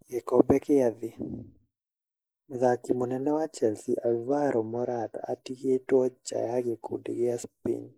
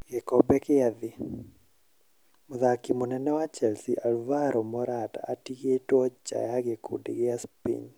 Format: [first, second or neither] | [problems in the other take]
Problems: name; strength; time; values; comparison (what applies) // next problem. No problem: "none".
second | noise reduction (neural mask model Resemble Enhance denoiser)